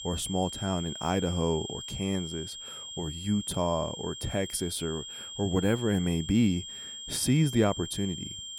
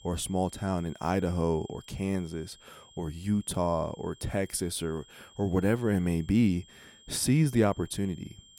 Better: second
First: high-pitched whine; loud; throughout; 3 kHz, 8 dB below the speech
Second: high-pitched whine; faint; throughout; 3 kHz, 25 dB below the speech

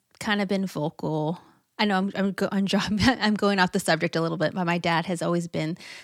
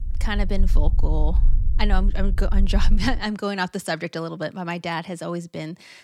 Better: first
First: none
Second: low rumble; noticeable; until 3 s; 20 dB below the speech

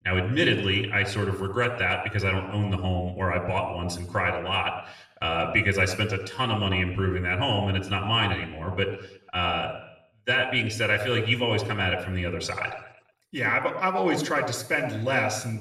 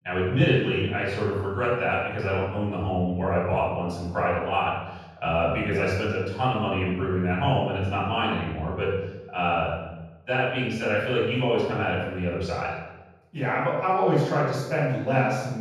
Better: first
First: room echo; slight; dies away in 0.7 s // off-mic speech; somewhat distant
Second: room echo; strong; dies away in 1.3 s // off-mic speech; far

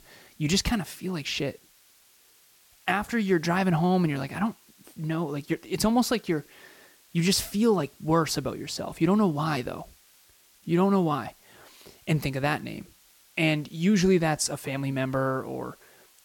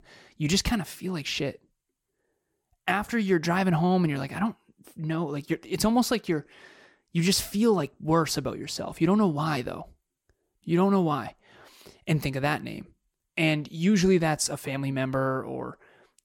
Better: second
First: hiss; faint; throughout; 30 dB below the speech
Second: none

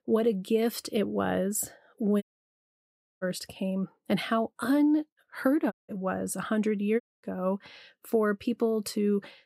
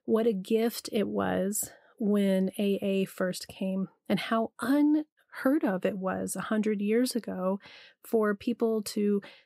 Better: second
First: audio cutting out; at 2 s for 1 s, at 5.5 s and at 7 s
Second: none

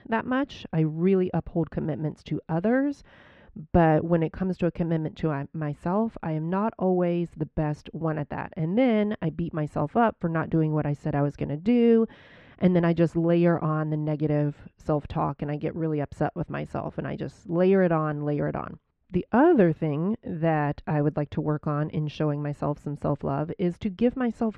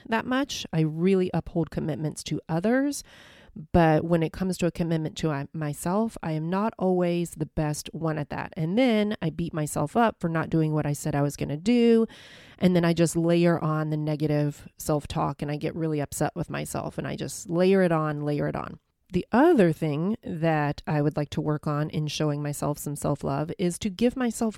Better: second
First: muffled; very; fading above 2 kHz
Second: none

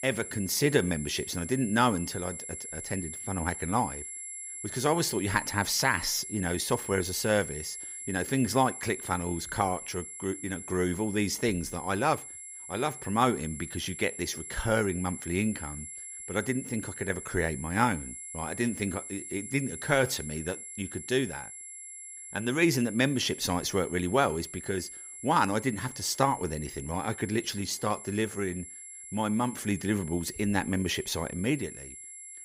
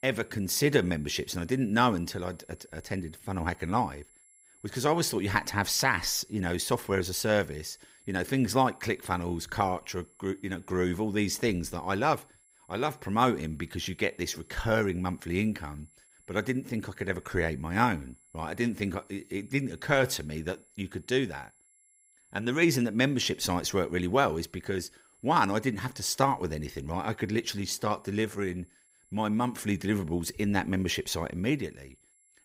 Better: second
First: high-pitched whine; loud; throughout; 11 kHz, 10 dB below the speech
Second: high-pitched whine; faint; throughout; 11 kHz, 30 dB below the speech

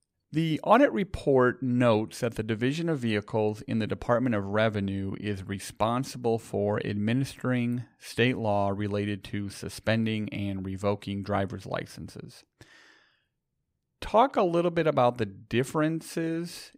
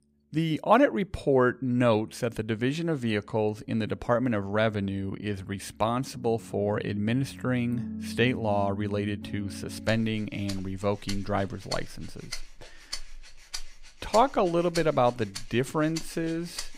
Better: first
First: none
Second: background music; noticeable; throughout; 15 dB below the speech

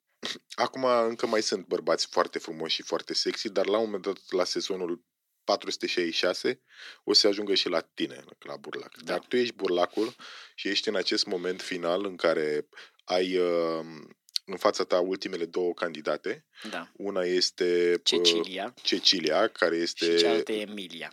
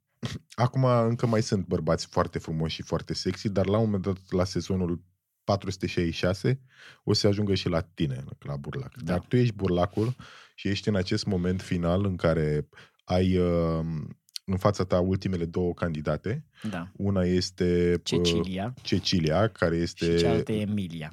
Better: second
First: thin; somewhat; fading below 300 Hz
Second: none

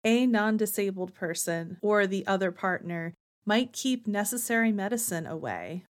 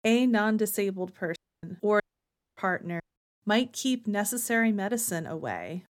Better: first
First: none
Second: audio cutting out; at 1.5 s, at 2 s for 0.5 s and at 3 s

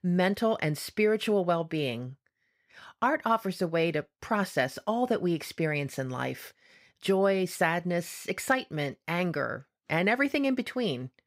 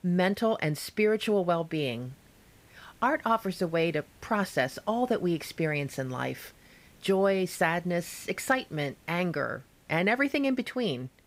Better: first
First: none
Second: hiss; faint; throughout; 30 dB below the speech

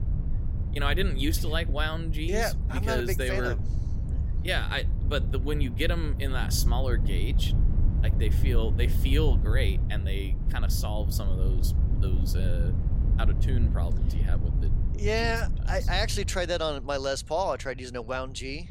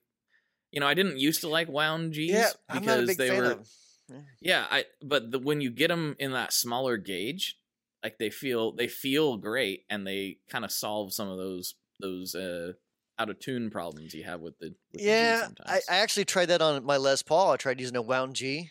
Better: second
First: wind noise on the microphone; occasional gusts; 10 dB below the speech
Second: none

